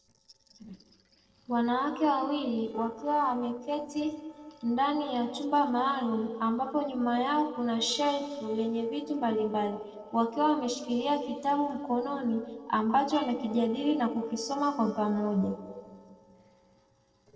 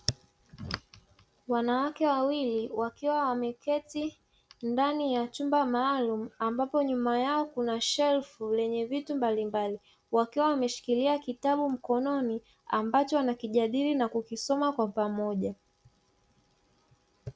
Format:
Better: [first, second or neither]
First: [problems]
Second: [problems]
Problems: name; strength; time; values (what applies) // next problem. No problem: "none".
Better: second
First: noise reduction (neural separator model SepFormer DNS4)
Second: none